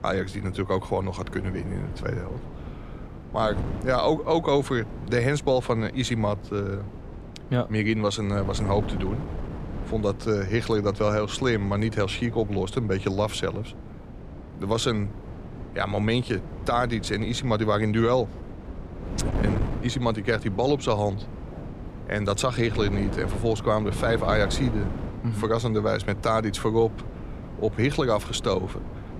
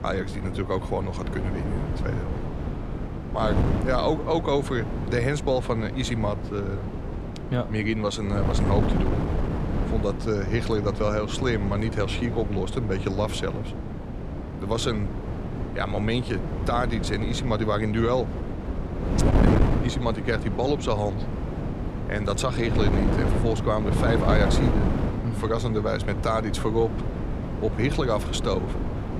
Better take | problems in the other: first | wind noise on the microphone; heavy; 6 dB below the speech; occasional gusts in the first

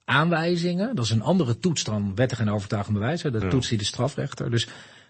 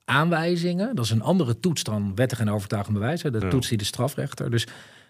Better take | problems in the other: second | garbled, watery; slightly; nothing above 8 kHz

